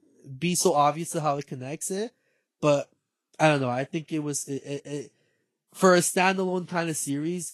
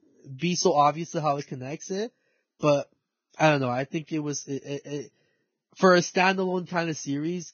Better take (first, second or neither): first